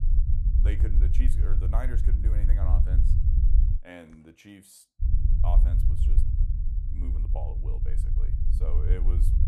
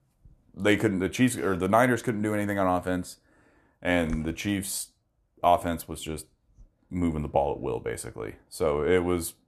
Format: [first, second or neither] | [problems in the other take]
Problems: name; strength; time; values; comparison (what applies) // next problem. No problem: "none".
second | low rumble; loud; until 4 s and from 5 s on; 2 dB below the speech